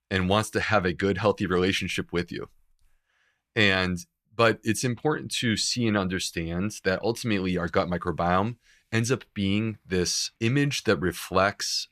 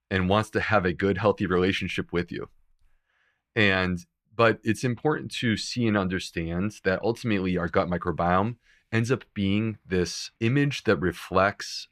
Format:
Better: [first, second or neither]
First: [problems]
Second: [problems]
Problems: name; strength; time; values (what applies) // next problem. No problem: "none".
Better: first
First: none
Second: muffled; very slightly; fading above 4 kHz